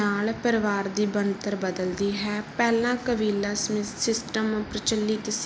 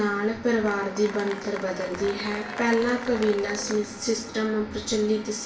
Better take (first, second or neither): first